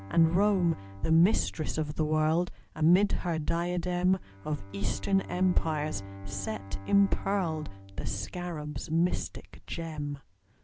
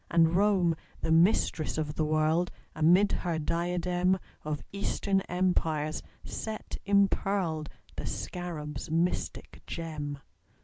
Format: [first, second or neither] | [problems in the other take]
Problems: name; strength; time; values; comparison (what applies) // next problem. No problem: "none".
second | background sound (Bowed string instrument); 18 dB below the speech